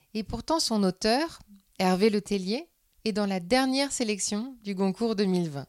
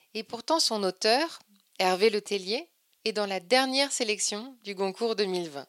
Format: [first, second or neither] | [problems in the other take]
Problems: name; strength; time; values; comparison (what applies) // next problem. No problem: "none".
first | thin; somewhat; fading below 400 Hz